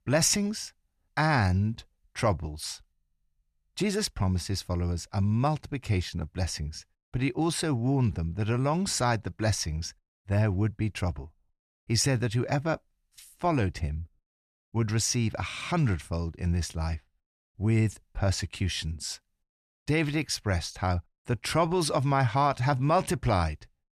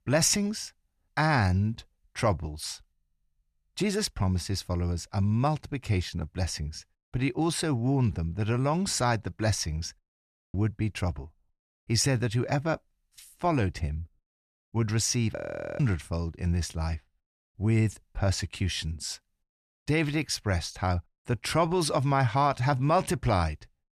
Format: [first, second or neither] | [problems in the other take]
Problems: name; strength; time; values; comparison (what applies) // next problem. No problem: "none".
first | audio freezing; at 10 s and at 15 s